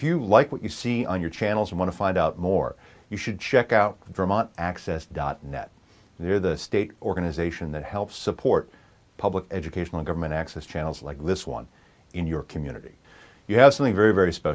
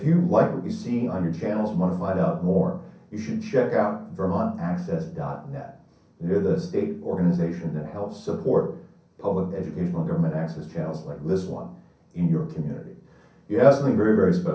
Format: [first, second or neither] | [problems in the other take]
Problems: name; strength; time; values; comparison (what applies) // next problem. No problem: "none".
first | room echo; dies away in 0.6 s